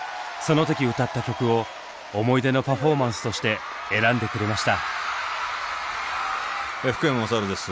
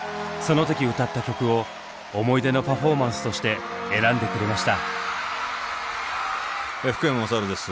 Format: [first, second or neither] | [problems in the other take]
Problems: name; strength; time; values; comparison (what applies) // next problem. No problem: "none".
first | background sound (Brass instrument); 12 dB below the speech